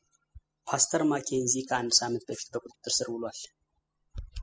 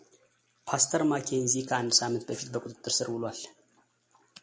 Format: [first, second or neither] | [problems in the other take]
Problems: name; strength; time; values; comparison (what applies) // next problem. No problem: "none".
second | noise reduction (classical method spectral subtraction)